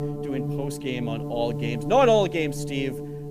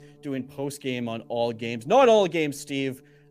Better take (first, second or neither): second